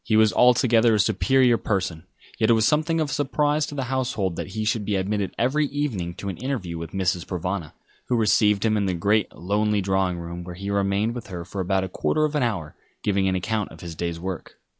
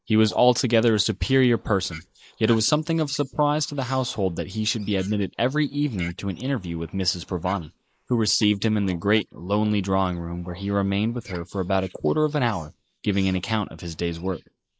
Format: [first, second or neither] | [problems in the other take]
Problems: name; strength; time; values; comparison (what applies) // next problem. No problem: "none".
first | noise reduction (neural mask model Resemble Enhance denoiser)